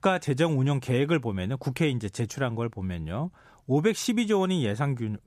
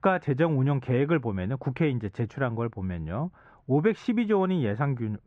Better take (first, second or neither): first